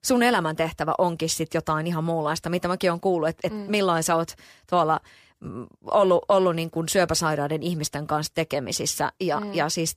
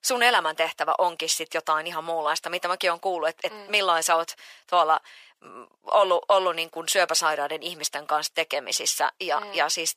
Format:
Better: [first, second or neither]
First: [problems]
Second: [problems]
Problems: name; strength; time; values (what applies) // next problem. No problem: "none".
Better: first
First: none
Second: thin; very; fading below 750 Hz